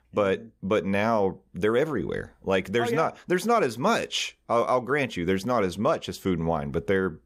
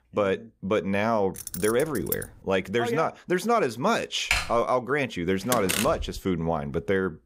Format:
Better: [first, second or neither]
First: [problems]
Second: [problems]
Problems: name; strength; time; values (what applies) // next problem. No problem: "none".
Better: first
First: none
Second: jangling keys; noticeable; at 1.5 s; peak 6 dB below the speech // keyboard typing; loud; at 4.5 s; peak level with the speech // door banging; loud; at 5.5 s; peak level with the speech